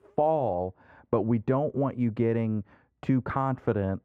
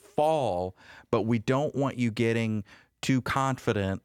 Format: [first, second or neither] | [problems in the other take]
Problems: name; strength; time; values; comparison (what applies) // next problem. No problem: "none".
second | muffled; very; fading above 2.5 kHz